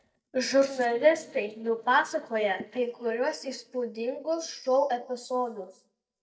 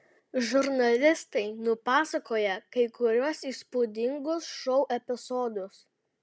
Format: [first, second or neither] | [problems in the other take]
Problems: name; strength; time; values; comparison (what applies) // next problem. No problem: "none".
second | noise reduction (neural mask model DeepFilterNet 3)